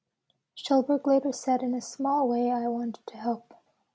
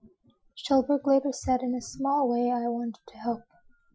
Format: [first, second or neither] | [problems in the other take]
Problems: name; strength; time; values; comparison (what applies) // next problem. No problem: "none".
first | noise reduction (classical method Wiener filter)